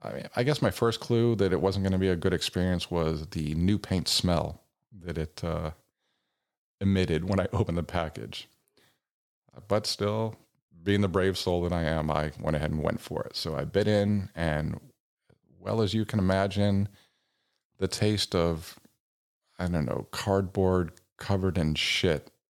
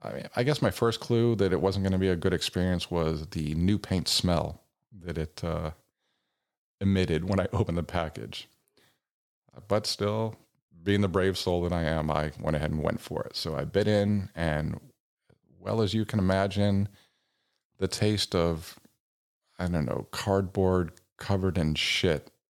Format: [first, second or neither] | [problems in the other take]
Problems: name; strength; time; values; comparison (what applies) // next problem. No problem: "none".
neither | none